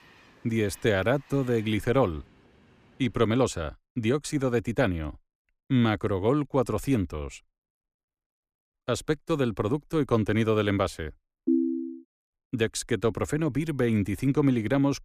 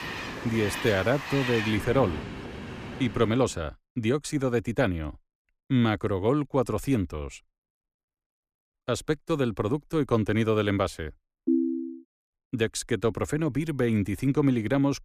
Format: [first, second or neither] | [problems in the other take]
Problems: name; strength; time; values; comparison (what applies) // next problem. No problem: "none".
first | train or aircraft noise; loud; until 3 s; 8 dB below the speech; faint in the first